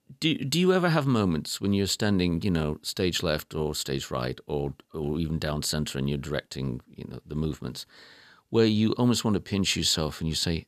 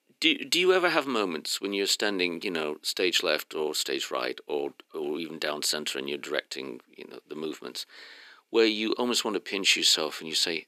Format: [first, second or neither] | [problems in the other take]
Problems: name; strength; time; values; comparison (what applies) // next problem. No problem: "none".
first | thin; somewhat; fading below 300 Hz